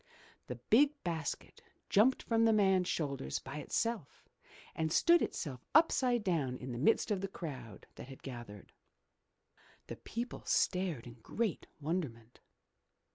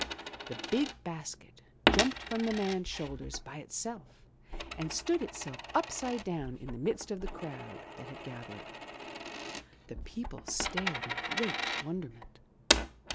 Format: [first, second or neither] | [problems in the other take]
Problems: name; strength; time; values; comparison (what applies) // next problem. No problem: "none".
first | background sound (Coin (dropping)); as loud as the speech